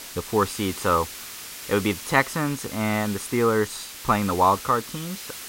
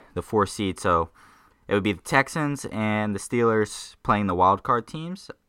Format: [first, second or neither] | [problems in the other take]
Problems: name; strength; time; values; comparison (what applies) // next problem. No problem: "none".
second | hiss; noticeable; throughout; 10 dB below the speech